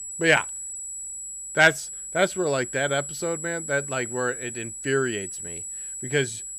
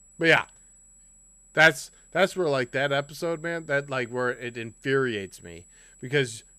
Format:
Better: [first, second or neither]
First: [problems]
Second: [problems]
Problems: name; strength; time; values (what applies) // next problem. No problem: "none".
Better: second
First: high-pitched whine; loud; throughout; 8 kHz, 8 dB below the speech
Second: high-pitched whine; faint; throughout; 8 kHz, 25 dB below the speech